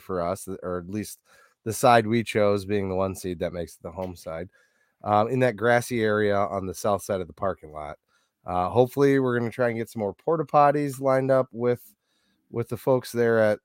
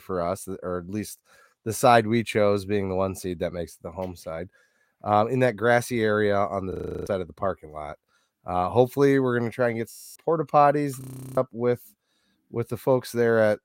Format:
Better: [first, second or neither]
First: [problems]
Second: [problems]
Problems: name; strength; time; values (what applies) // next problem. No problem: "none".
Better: first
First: none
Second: audio freezing; at 6.5 s, at 10 s and at 11 s